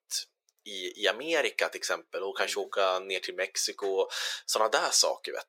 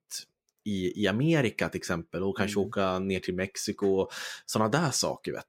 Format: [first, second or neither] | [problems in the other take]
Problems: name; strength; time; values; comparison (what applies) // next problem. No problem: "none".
second | thin; very; fading below 500 Hz